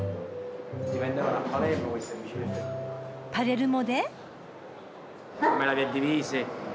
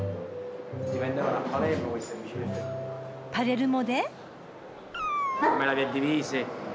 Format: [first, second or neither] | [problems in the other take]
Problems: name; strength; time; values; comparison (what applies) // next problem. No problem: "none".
first | background sound (Meow); 5 dB below the speech